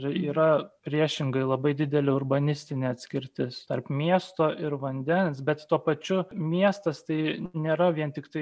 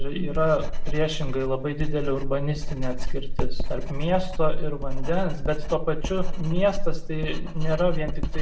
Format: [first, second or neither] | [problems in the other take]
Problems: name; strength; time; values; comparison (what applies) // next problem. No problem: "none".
first | background sound (Writing); 4 dB above the speech // room echo; dies away in 0.5 s